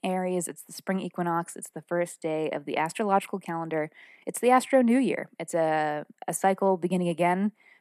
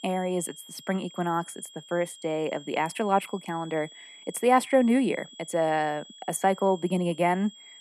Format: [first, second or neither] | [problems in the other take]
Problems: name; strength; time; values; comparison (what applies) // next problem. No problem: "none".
first | high-pitched whine; noticeable; throughout; 3.5 kHz, 20 dB below the speech